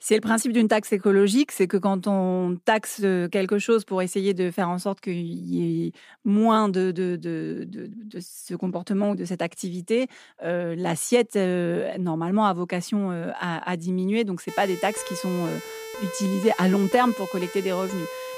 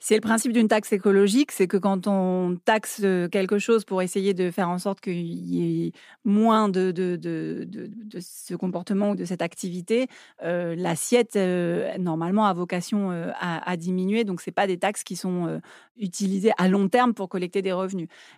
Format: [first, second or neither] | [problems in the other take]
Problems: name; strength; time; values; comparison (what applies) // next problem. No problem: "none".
second | siren; noticeable; from 14 s on; peak 10 dB below the speech